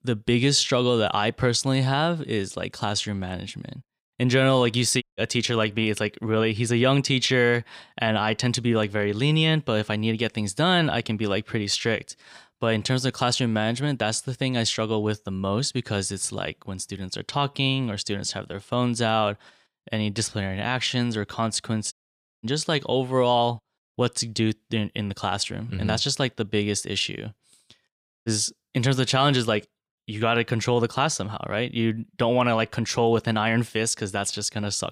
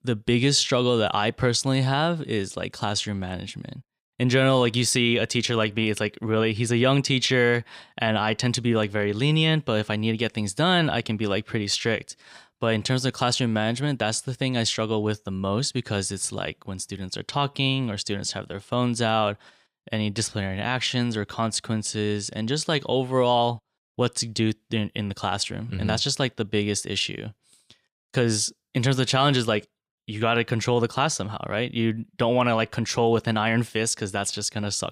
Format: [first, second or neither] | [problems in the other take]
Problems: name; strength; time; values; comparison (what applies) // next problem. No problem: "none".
second | audio cutting out; at 5 s, at 22 s for 0.5 s and at 28 s